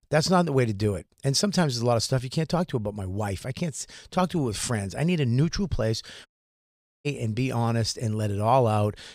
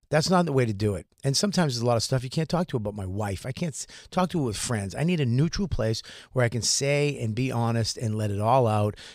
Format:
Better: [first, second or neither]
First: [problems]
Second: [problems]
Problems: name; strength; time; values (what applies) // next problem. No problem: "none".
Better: second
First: audio cutting out; at 6.5 s for 1 s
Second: none